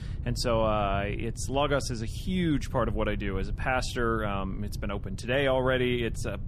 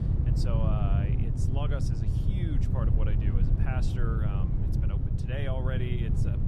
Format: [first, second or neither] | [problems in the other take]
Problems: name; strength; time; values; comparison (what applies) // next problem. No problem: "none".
first | low rumble; loud; throughout; as loud as the speech; faint in the first